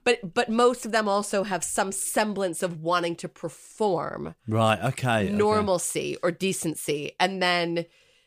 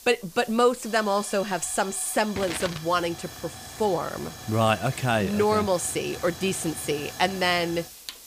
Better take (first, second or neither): first